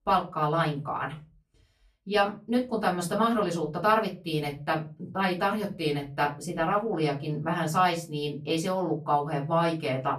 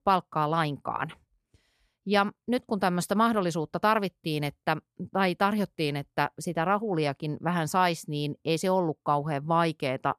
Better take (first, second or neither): second